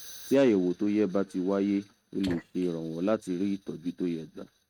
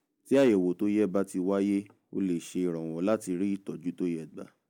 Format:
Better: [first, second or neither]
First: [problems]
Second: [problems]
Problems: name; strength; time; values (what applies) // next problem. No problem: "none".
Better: second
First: noise reduction (neural mask model RNNoise)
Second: none